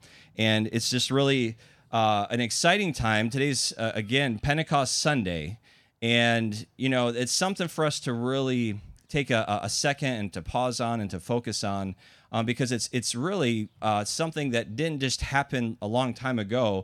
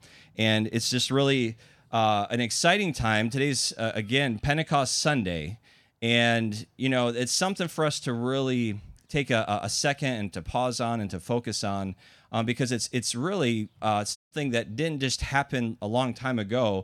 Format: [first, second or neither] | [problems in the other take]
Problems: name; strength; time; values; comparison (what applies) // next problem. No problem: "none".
first | audio cutting out; at 14 s